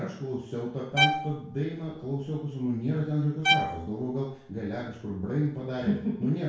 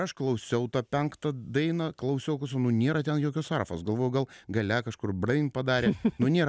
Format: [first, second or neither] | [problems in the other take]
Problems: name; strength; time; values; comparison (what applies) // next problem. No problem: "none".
second | background sound (Bowed string instrument); 2 dB below the speech // room echo; dies away in 0.6 s